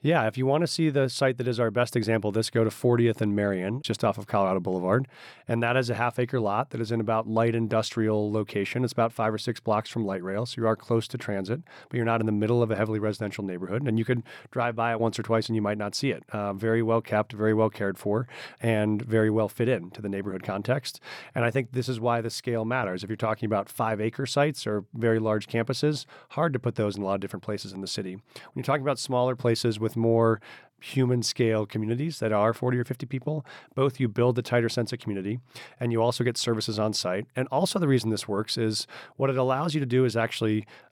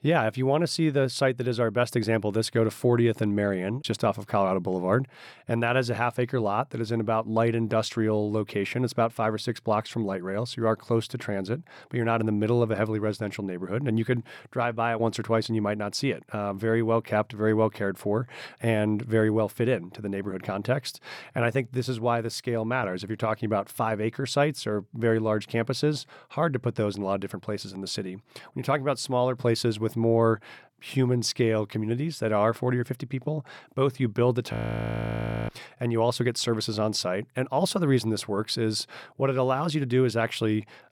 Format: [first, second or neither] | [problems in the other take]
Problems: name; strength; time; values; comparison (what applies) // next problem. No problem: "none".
first | audio freezing; at 35 s for 1 s